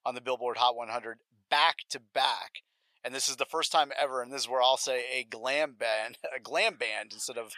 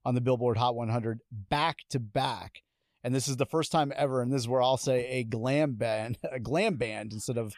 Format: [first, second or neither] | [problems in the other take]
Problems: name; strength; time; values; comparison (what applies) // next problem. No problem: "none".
second | thin; very; fading below 800 Hz